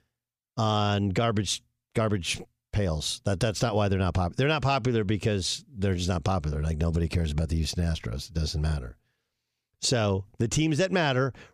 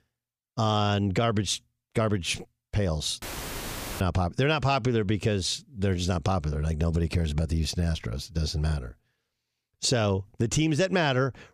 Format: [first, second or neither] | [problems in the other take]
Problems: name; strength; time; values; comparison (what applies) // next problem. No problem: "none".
first | audio cutting out; filled with static; at 3 s for 1 s